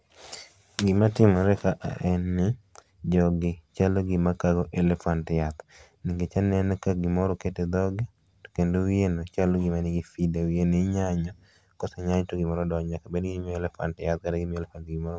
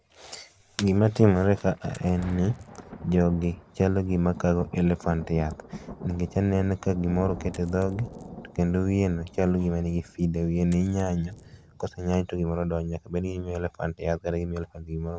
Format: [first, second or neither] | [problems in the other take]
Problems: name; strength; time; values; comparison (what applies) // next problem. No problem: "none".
first | background sound (Thunder + Coin (dropping)); 18 dB below the speech